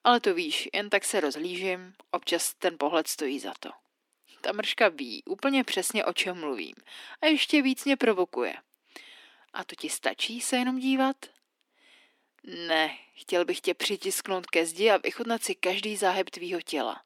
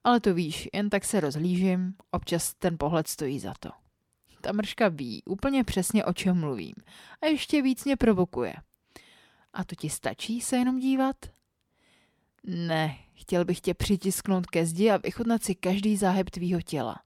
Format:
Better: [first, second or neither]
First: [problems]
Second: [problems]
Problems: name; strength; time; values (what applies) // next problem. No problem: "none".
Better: second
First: thin; somewhat; fading below 250 Hz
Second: none